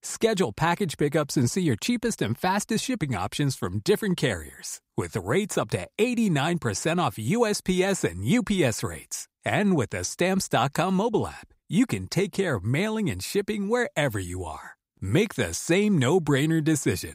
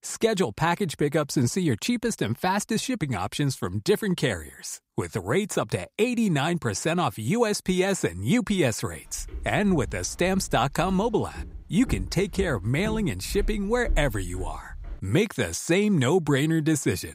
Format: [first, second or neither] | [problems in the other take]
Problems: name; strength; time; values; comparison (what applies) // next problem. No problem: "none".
first | footsteps; noticeable; from 9 to 15 s; peak 7 dB below the speech